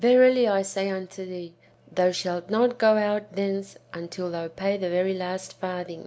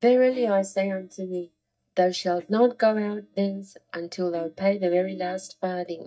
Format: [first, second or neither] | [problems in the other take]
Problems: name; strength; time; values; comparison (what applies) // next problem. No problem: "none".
first | noise reduction (neural mask model DeepFilterNet 3)